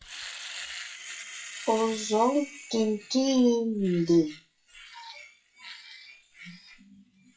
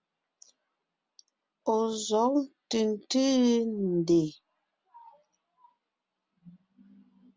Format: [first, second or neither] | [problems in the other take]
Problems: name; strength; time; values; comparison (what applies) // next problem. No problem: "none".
second | noise reduction (classical method WPE with log-MMSE)